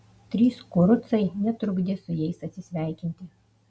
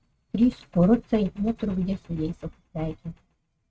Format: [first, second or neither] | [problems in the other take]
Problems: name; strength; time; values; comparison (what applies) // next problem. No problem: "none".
first | noise reduction (neural mask model RNNoise)